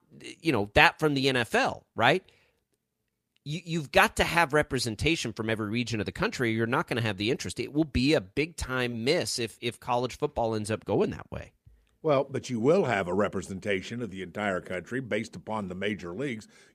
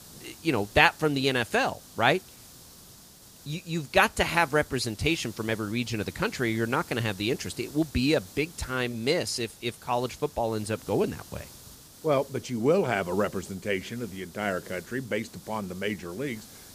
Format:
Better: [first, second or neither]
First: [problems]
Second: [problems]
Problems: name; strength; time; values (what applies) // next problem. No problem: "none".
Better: first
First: none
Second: hiss; noticeable; throughout; 20 dB below the speech